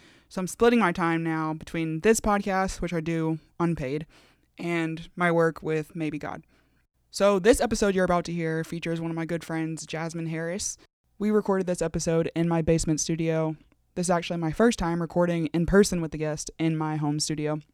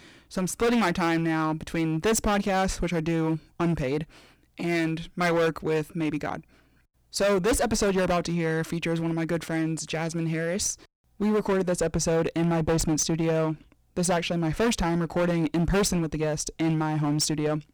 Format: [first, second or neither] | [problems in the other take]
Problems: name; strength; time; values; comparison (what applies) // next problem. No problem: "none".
first | distortion; heavy; 13% of the sound clipped